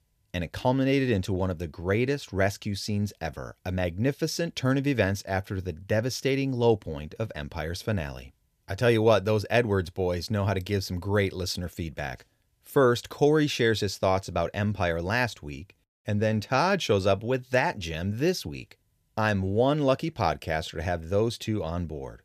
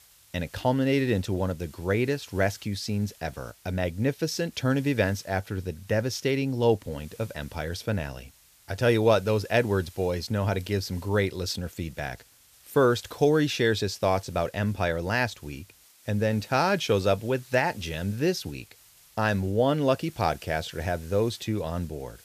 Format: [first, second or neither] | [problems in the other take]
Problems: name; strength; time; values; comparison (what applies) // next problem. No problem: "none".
first | hiss; faint; throughout; 25 dB below the speech